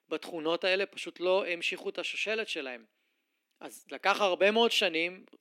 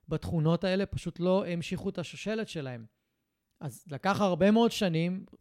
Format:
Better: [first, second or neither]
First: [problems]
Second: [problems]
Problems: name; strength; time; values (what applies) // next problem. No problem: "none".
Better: second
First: thin; somewhat; fading below 250 Hz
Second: none